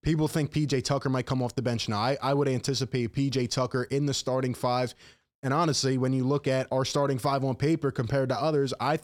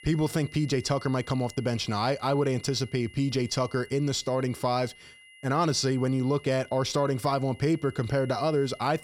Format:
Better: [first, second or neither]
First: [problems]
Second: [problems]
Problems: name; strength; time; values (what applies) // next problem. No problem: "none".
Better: first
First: none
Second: high-pitched whine; faint; throughout; 2 kHz, 20 dB below the speech